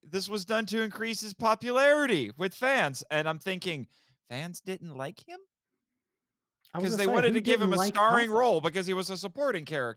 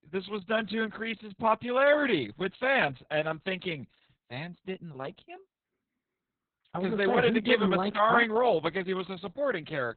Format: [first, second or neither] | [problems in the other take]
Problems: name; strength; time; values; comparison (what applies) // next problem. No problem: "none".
first | garbled, watery; badly; nothing above 4 kHz; slightly in the first